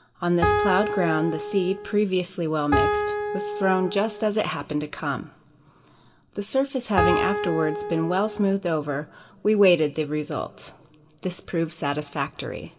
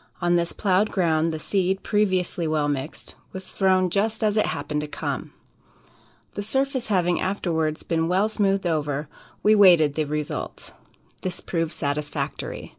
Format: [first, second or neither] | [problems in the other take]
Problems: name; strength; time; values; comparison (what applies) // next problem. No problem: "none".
second | background sound (Piano); as loud as the speech // room echo; dies away in 1.6 s